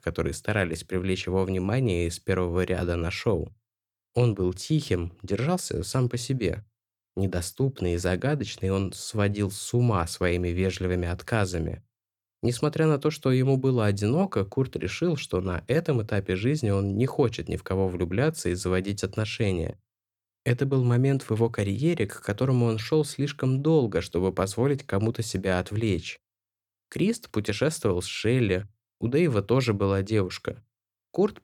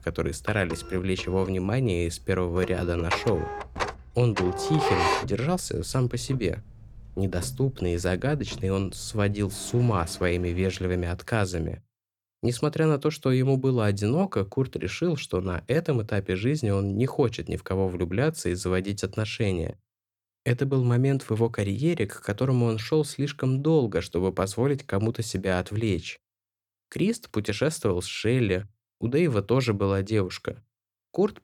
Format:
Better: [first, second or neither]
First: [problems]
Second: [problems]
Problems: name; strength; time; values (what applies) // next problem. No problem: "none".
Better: first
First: none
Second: household noises; loud; until 11 s; 6 dB below the speech